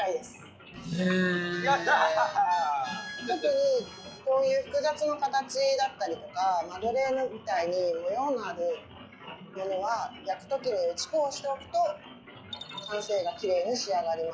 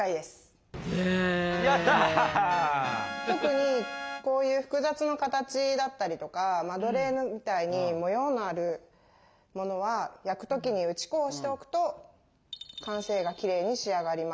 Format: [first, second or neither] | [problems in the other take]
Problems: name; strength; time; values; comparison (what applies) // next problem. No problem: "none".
second | noise reduction (classical method log-MMSE)